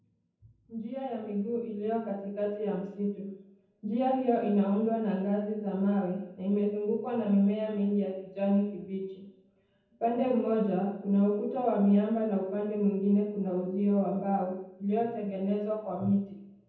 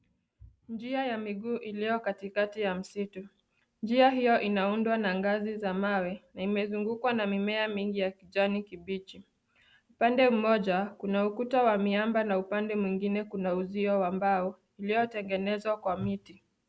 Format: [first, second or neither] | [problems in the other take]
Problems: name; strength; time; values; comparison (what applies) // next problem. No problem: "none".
second | room echo; dies away in 0.9 s